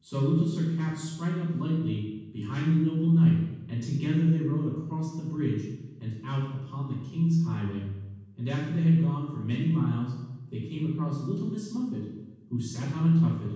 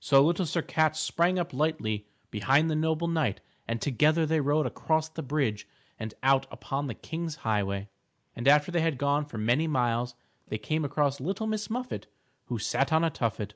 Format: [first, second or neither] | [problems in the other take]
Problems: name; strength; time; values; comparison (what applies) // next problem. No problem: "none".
second | room echo; dies away in 1.2 s